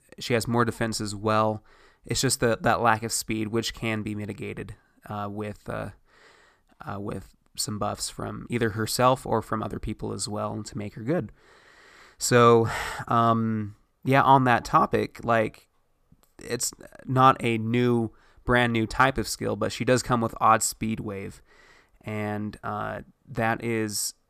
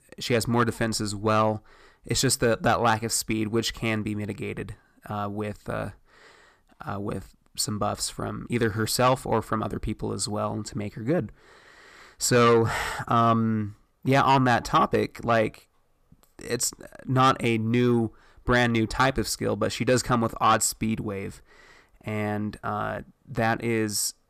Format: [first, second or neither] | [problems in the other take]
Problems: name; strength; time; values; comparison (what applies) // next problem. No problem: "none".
first | distortion; slight; 10 dB below the speech